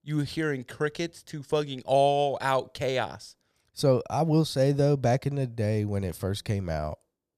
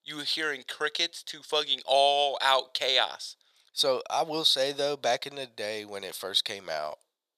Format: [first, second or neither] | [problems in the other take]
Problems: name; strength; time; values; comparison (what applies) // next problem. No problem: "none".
first | thin; very; fading below 700 Hz